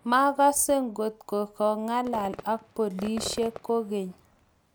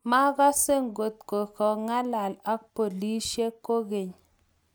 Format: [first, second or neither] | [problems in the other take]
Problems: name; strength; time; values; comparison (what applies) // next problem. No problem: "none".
second | background sound (Fireworks); 18 dB below the speech